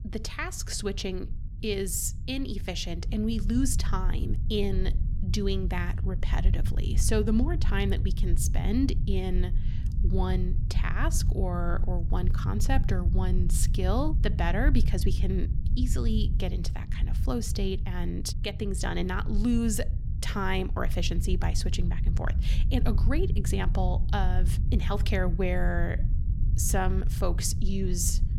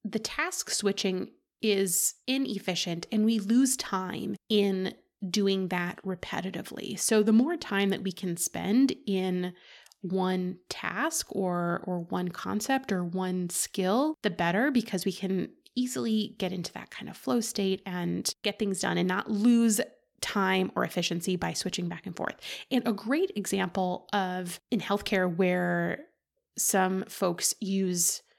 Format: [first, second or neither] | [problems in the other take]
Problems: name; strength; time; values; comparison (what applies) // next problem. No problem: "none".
second | low rumble; noticeable; throughout; 10 dB below the speech